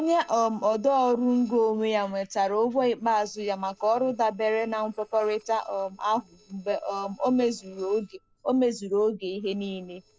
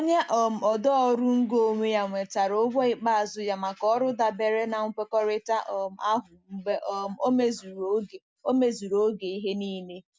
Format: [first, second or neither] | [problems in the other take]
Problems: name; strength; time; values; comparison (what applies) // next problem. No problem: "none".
second | noise reduction (neural separator model SepFormer DNS4)